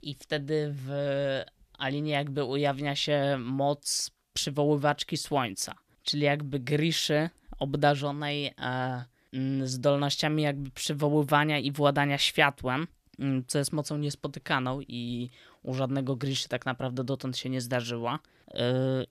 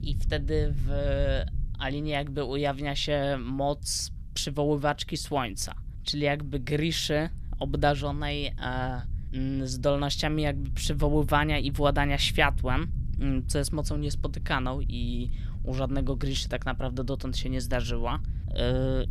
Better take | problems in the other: first | low rumble; faint; throughout; 20 dB below the speech

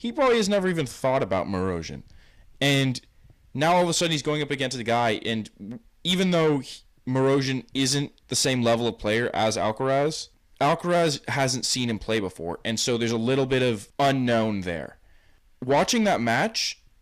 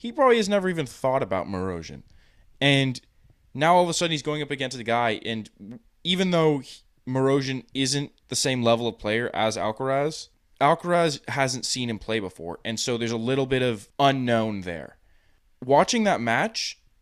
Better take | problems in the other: second | distortion; slight; 10 dB below the speech

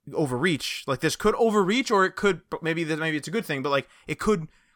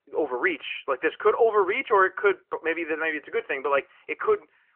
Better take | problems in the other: first | phone-call audio; nothing above 3 kHz

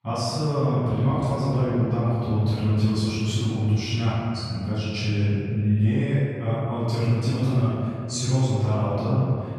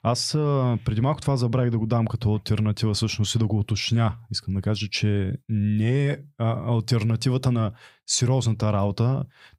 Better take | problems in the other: second | off-mic speech; far // room echo; strong; dies away in 2.3 s

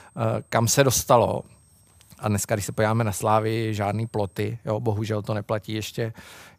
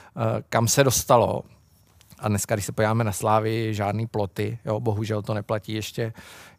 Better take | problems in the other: second | high-pitched whine; faint; until 4.5 s; 8.5 kHz, 35 dB below the speech

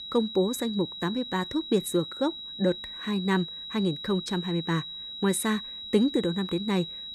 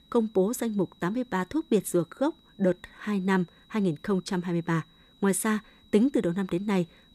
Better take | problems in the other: second | high-pitched whine; loud; throughout; 4 kHz, 8 dB below the speech; faint in the second

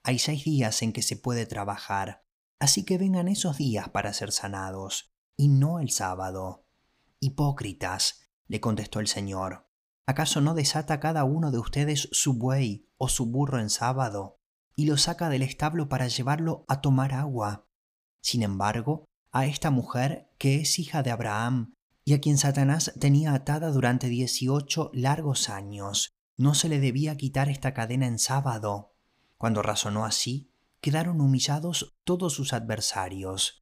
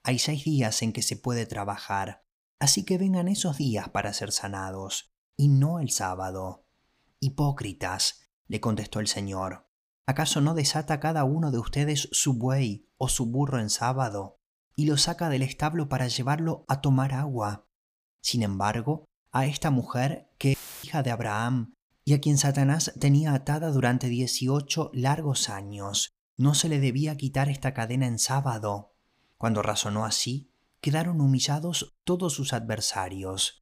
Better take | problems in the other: first | audio cutting out; filled with static; at 21 s

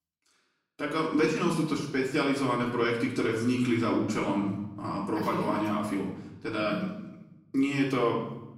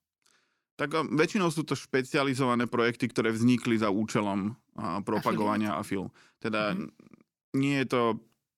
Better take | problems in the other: second | room echo; noticeable; dies away in 0.8 s // off-mic speech; far

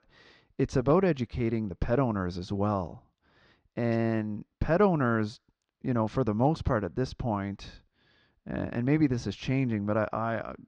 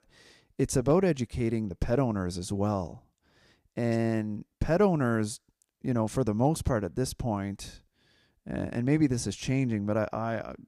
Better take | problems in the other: second | muffled; slightly; fading above 4.5 kHz

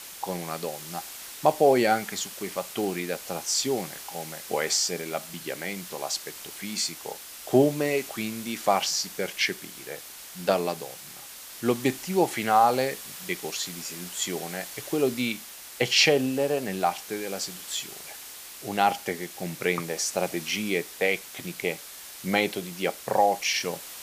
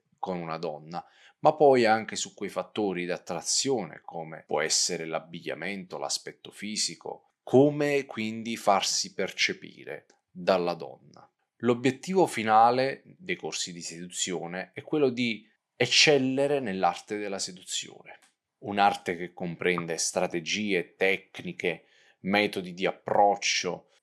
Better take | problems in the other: second | hiss; noticeable; throughout; 10 dB below the speech

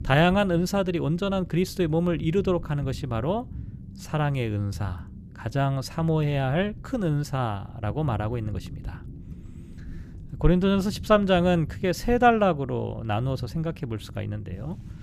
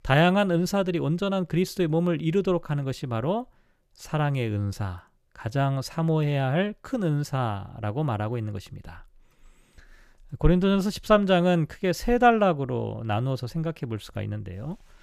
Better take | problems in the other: second | low rumble; faint; throughout; 25 dB below the speech

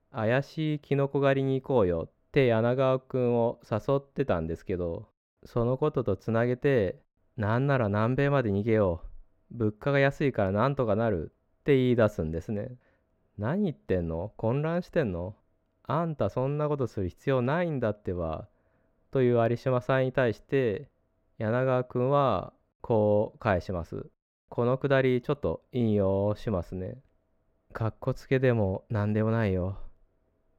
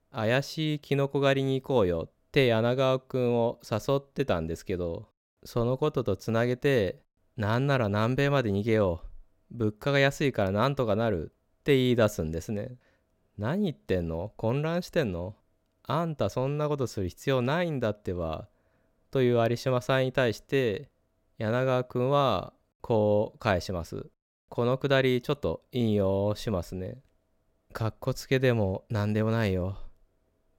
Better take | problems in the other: second | muffled; slightly; fading above 3 kHz

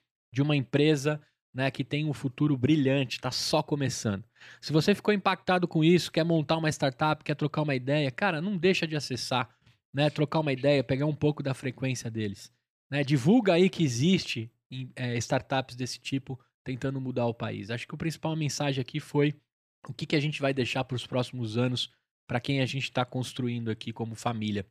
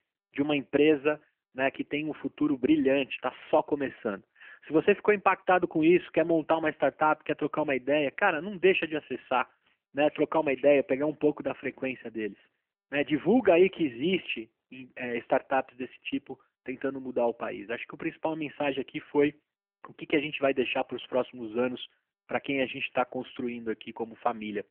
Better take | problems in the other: first | phone-call audio; nothing above 3 kHz

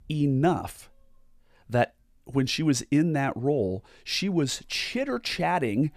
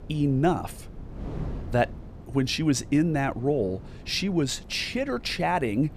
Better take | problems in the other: first | wind noise on the microphone; occasional gusts; 20 dB below the speech

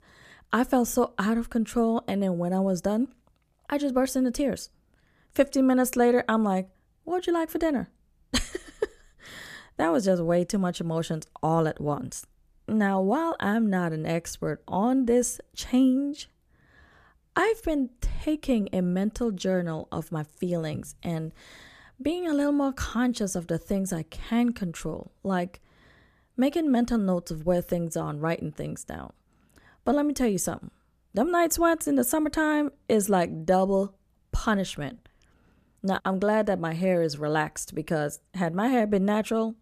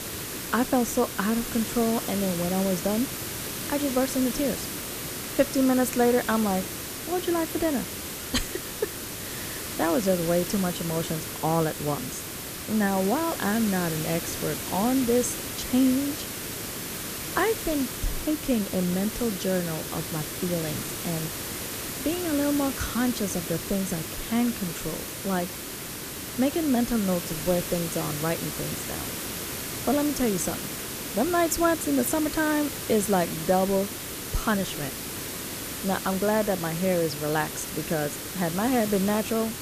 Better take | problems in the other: first | hiss; loud; throughout; 5 dB below the speech

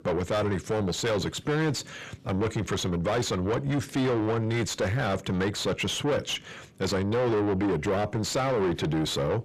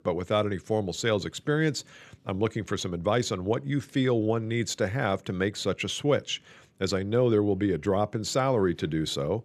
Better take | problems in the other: second | distortion; heavy; 6 dB below the speech

